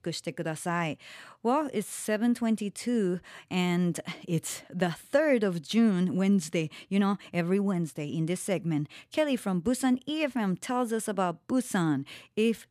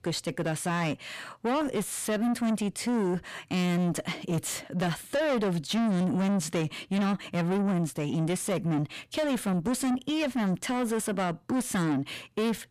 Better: first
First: none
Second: distortion; heavy; 7 dB below the speech

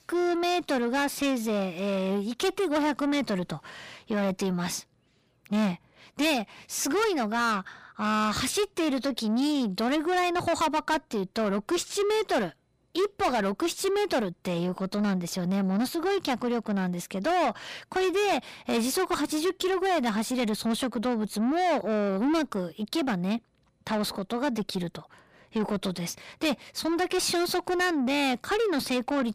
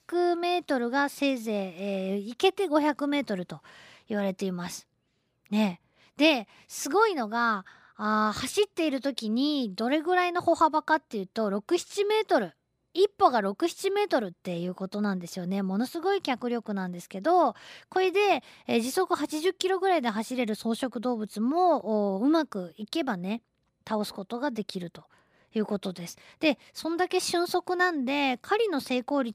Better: second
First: distortion; heavy; 7 dB below the speech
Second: none

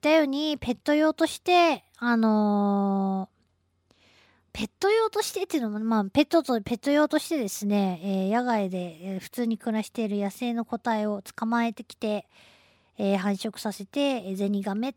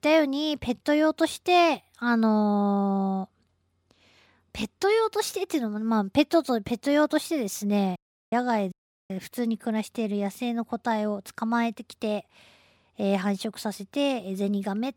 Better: first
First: none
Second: audio cutting out; at 8 s and at 8.5 s

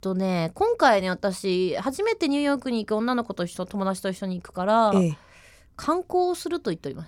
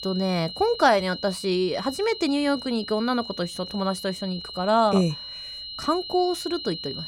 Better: first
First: none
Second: high-pitched whine; loud; throughout; 4 kHz, 10 dB below the speech

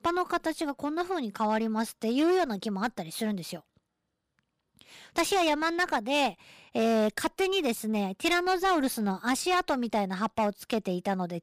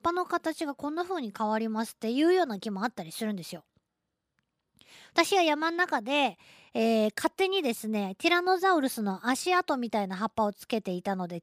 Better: second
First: distortion; slight; 9% of the sound clipped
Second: none

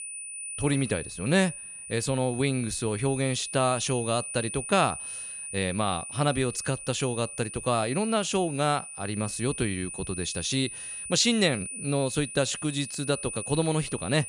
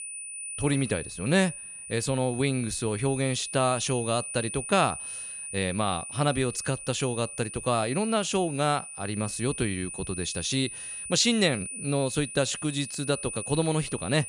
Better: neither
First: high-pitched whine; loud; throughout; 9.5 kHz, 8 dB below the speech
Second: high-pitched whine; loud; throughout; 9.5 kHz, 8 dB below the speech

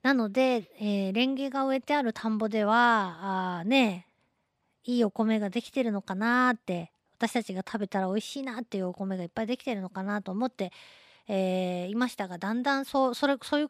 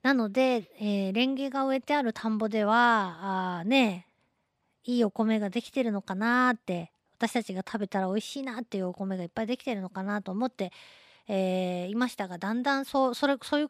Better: neither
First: none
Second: none

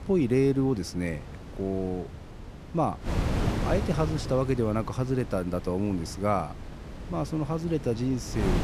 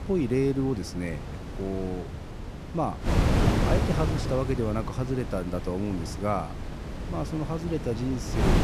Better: first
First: wind noise on the microphone; occasional gusts; 10 dB below the speech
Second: wind noise on the microphone; heavy; 4 dB below the speech

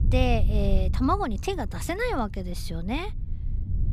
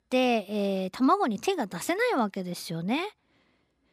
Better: second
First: low rumble; noticeable; throughout; 15 dB below the speech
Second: none

